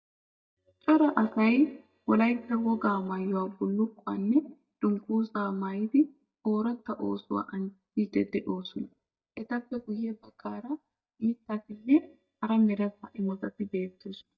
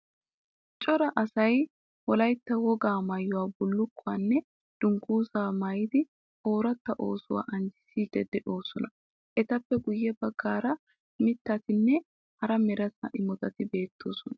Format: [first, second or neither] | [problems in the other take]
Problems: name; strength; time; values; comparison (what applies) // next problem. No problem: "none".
second | noise reduction (neural mask model DeepFilterNet 3)